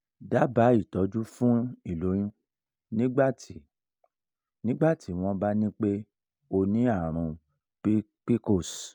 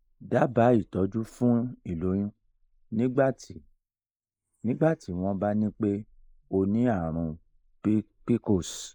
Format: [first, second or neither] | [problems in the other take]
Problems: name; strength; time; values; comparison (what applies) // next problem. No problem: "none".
first | noise reduction (neural mask model Resemble Enhance denoiser)